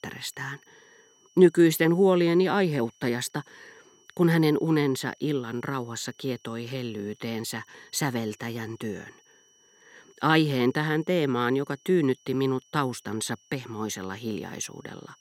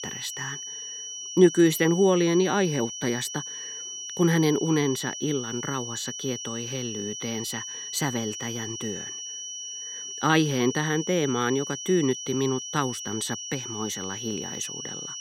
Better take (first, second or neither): first